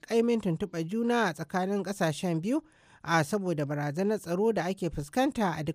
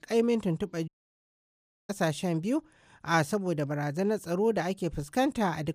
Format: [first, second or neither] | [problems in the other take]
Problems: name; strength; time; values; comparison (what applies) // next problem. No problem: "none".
first | audio cutting out; at 1 s for 1 s